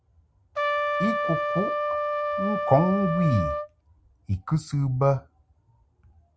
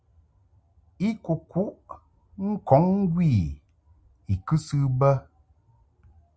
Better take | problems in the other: second | background sound (Trumpet); as loud as the speech

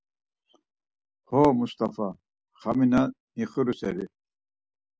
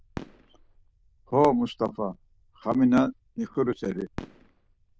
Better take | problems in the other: first | noise reduction (neural diffusion model UNIVERSE++)

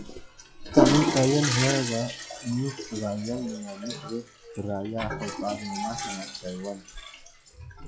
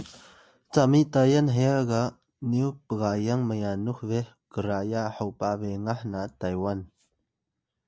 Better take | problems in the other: second | noise reduction (classical method log-MMSE)

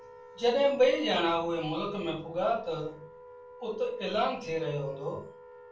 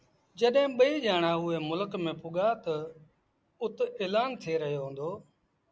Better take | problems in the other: second | background sound (Wind instrument, woodwind instrument); 18 dB below the speech // room echo; dies away in 0.3 s

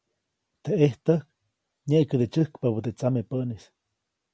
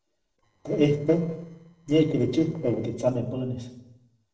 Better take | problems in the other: first | noise reduction (neural separator model SepFormer DNS4)

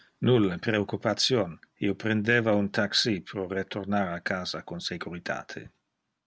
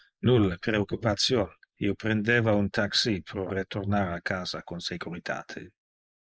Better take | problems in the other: first | noise reduction (neural mask model Resemble Enhance denoiser)

